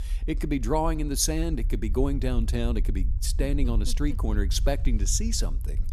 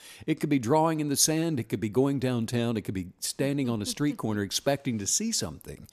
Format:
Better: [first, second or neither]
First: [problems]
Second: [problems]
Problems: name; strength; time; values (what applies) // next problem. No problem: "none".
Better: second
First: low rumble; faint; throughout; 20 dB below the speech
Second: none